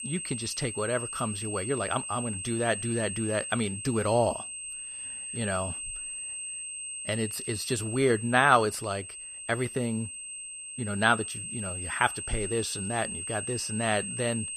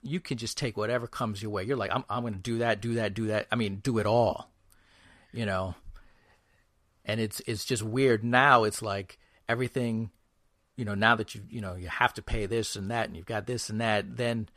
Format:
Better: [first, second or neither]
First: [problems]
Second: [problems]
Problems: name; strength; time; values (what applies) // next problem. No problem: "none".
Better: second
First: high-pitched whine; loud; throughout; 8.5 kHz, 6 dB below the speech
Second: none